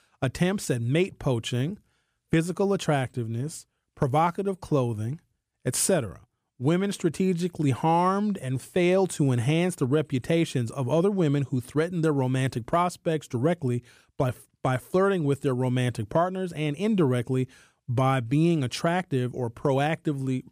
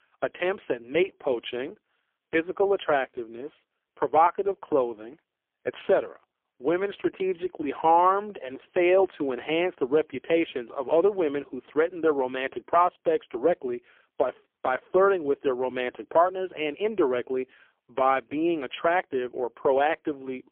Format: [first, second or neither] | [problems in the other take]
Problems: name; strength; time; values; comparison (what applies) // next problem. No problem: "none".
first | phone-call audio; poor line; nothing above 3.5 kHz